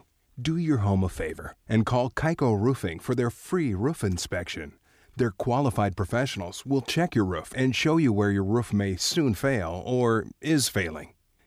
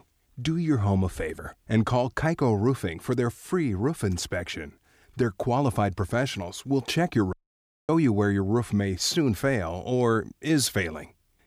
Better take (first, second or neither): first